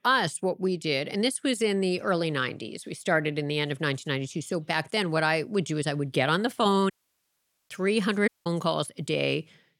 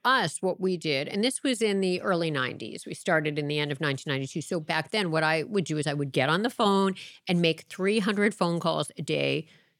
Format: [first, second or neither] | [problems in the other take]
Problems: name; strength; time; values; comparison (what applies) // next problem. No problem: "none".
second | audio cutting out; at 7 s for 1 s and at 8.5 s